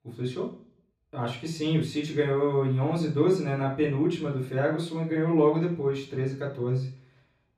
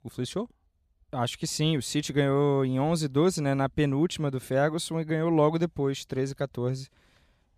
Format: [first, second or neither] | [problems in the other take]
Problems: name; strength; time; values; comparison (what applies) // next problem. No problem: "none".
second | room echo; slight; dies away in 0.5 s // off-mic speech; far